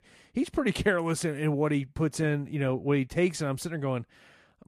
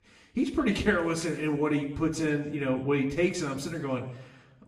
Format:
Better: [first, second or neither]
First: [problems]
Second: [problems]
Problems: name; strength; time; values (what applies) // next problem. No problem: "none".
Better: first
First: none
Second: room echo; slight; dies away in 0.8 s // off-mic speech; somewhat distant